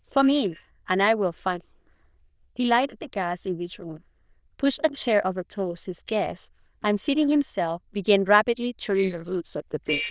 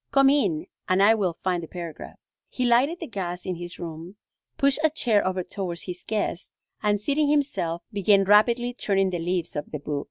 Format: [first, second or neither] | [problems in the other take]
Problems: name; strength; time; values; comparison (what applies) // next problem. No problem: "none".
second | noise reduction (neural diffusion model UNIVERSE++)